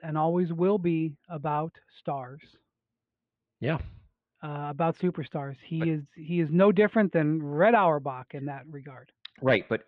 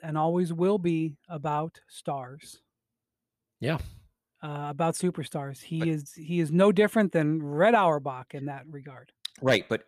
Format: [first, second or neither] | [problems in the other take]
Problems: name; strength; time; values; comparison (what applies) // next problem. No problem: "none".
second | muffled; very; fading above 3 kHz